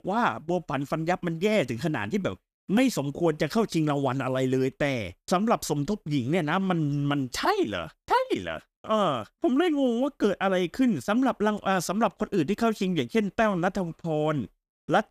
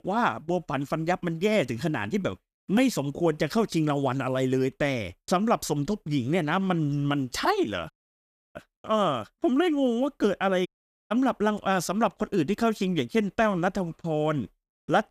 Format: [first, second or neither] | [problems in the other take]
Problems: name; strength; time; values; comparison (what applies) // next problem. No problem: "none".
first | audio cutting out; at 8 s for 0.5 s and at 11 s